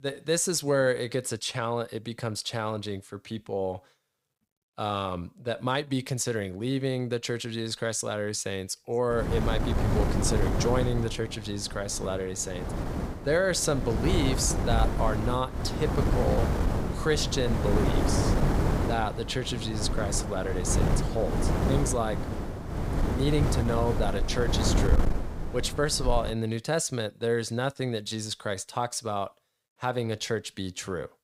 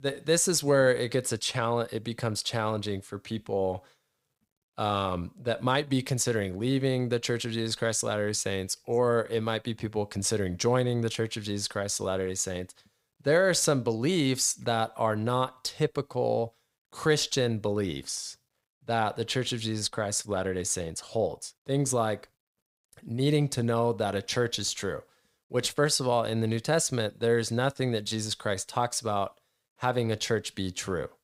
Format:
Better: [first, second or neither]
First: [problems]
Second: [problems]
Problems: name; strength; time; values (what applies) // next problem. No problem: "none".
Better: second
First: wind noise on the microphone; heavy; from 9 to 26 s; 4 dB below the speech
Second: none